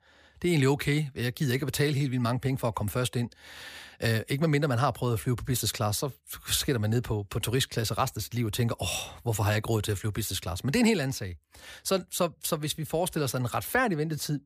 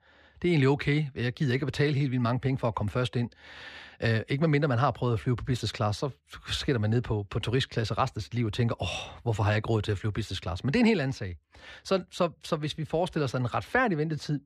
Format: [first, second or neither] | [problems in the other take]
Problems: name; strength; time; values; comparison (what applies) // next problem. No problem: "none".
first | muffled; very slightly; fading above 3.5 kHz